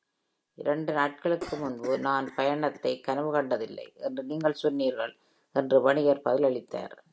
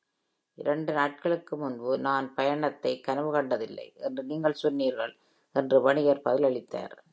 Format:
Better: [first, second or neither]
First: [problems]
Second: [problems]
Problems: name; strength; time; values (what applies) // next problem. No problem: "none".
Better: second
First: background sound (Cough); 20 dB below the speech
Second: none